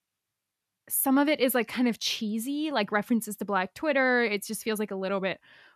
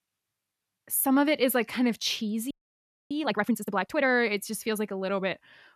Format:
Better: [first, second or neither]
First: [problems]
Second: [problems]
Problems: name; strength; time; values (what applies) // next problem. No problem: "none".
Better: first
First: none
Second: audio freezing; at 2.5 s for 0.5 s